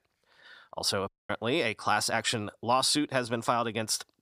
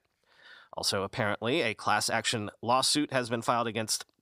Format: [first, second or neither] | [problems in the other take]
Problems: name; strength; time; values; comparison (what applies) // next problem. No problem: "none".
second | audio cutting out; at 1 s